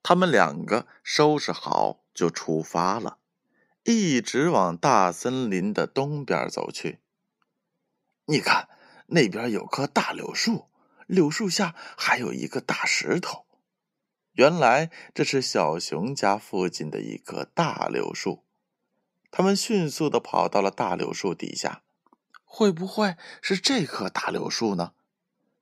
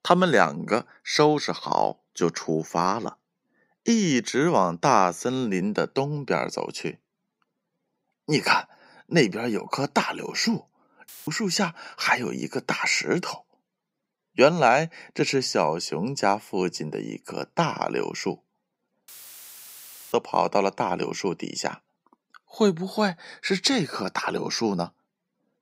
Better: first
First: none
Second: audio cutting out; filled with static; at 11 s and at 19 s for 1 s

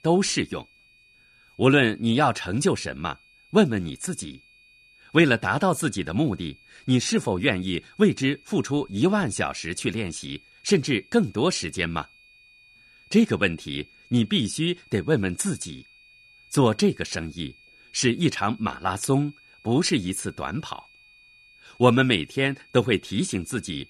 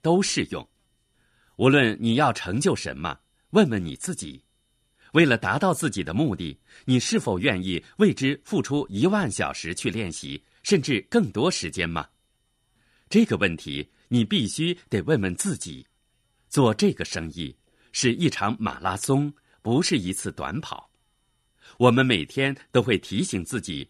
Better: second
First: high-pitched whine; faint; throughout; 2.5 kHz, 30 dB below the speech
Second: none

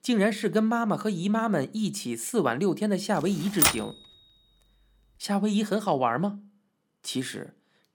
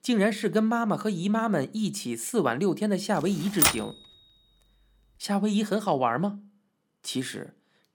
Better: neither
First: keyboard typing; loud; at 3.5 s; peak 5 dB above the speech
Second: keyboard typing; loud; at 3.5 s; peak 5 dB above the speech

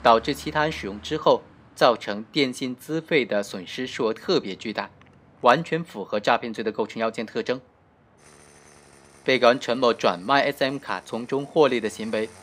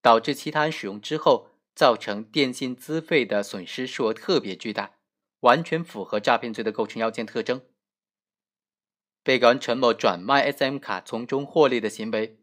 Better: second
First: traffic noise; faint; throughout; 25 dB below the speech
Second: none

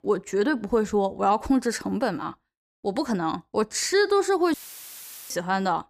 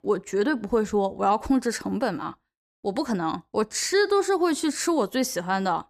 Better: second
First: audio cutting out; filled with static; at 4.5 s for 1 s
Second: none

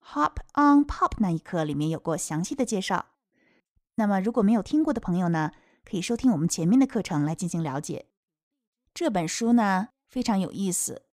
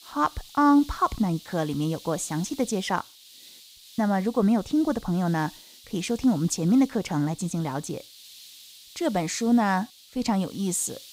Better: first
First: none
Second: hiss; faint; throughout; 20 dB below the speech

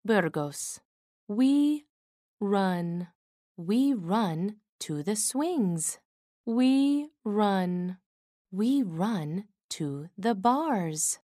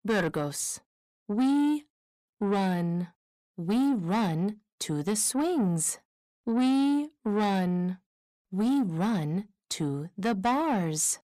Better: first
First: none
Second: distortion; slight; 10 dB below the speech

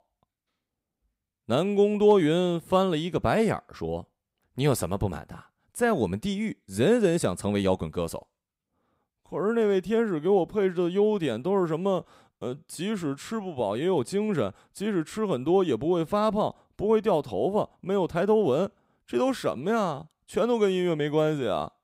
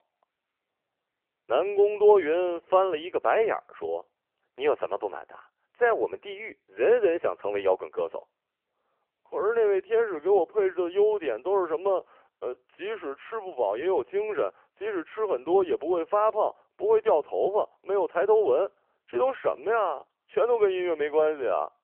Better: first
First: none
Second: phone-call audio; poor line; nothing above 3 kHz

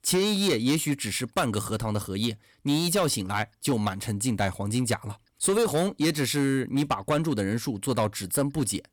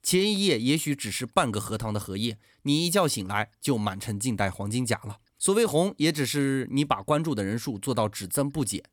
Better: second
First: distortion; slight; 6% of the sound clipped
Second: none

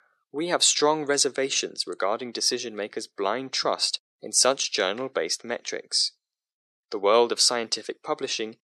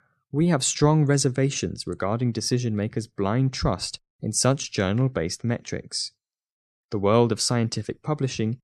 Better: second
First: thin; very; fading below 400 Hz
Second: none

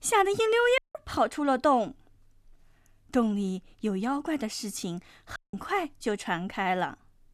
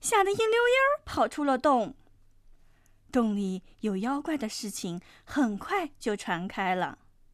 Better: second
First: audio cutting out; at 1 s and at 5.5 s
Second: none

